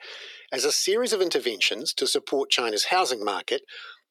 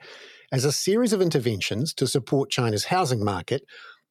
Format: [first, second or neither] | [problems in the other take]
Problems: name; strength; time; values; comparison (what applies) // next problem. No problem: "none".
second | thin; very; fading below 350 Hz